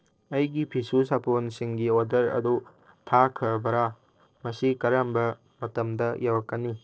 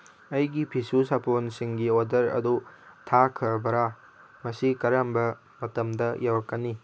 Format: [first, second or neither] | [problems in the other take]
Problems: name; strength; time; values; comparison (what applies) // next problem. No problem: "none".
second | noise reduction (neural separator model SepFormer DNS4)